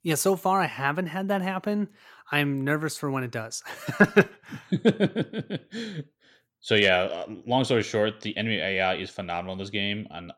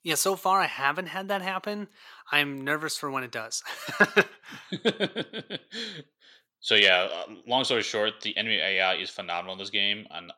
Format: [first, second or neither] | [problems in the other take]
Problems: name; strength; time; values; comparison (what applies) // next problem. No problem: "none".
first | thin; somewhat; fading below 1 kHz